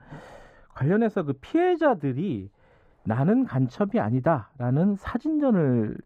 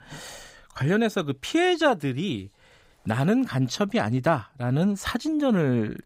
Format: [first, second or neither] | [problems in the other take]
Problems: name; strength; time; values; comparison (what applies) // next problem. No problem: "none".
second | muffled; very; fading above 2.5 kHz